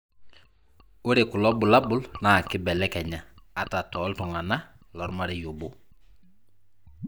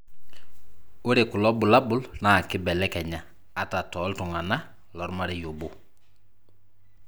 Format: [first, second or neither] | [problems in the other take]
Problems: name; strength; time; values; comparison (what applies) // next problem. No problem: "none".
second | noise reduction (neural mask model DeepFilterNet 3)